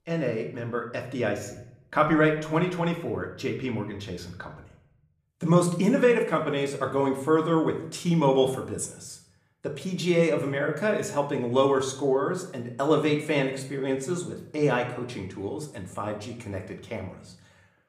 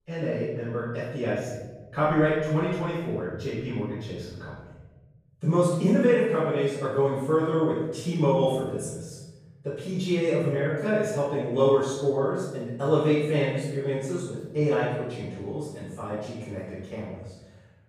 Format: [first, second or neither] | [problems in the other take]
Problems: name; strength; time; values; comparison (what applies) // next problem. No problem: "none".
first | room echo; strong; dies away in 1.3 s; slight in the first // off-mic speech; far; somewhat distant in the first